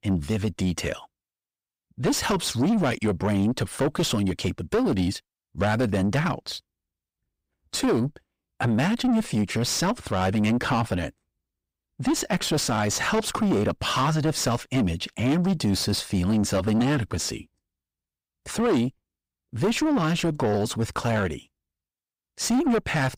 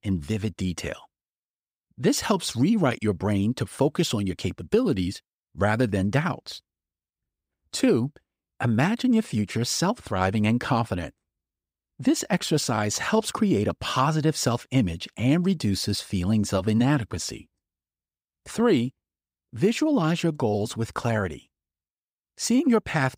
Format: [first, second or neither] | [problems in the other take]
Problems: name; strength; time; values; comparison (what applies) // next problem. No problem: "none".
second | distortion; heavy; 6 dB below the speech